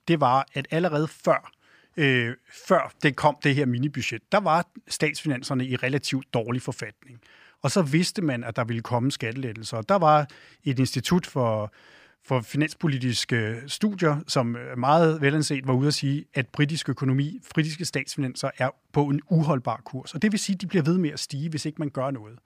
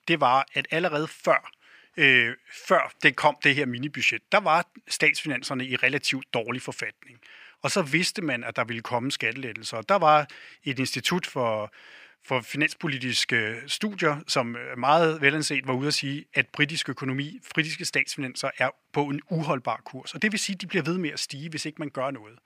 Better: first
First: none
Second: thin; very slightly; fading below 350 Hz

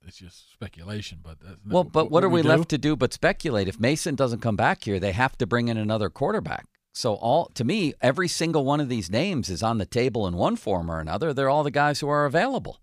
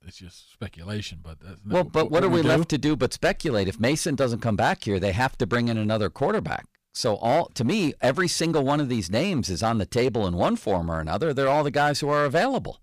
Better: first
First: none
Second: distortion; slight; 6% of the sound clipped

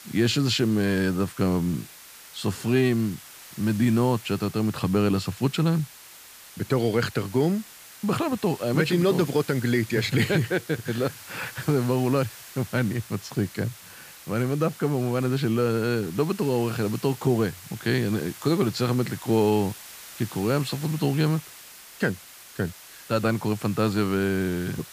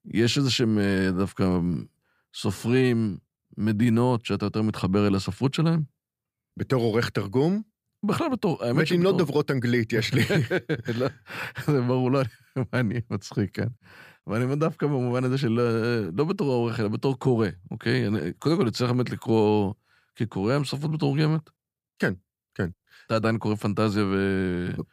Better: second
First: hiss; noticeable; throughout; 15 dB below the speech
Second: none

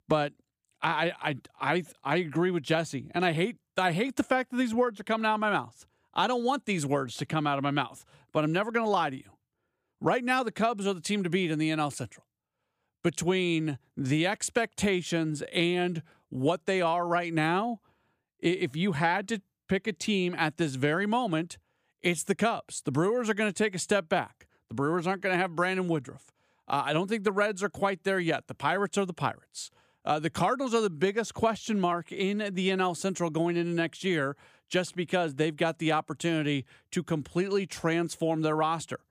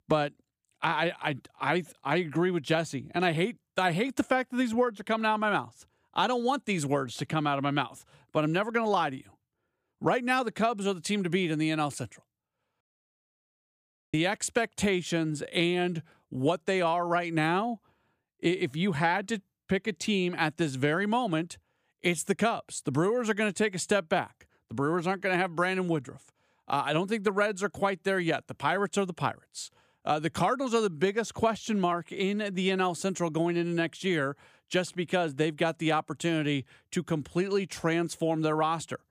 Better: first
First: none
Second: audio cutting out; at 13 s for 1.5 s

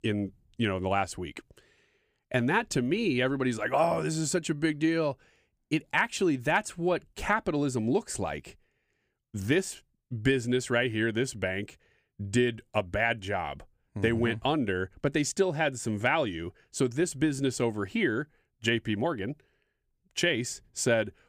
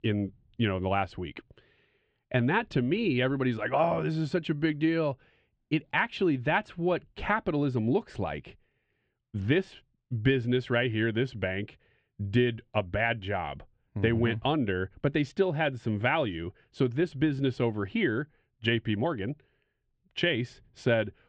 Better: first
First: none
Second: muffled; slightly; fading above 3.5 kHz

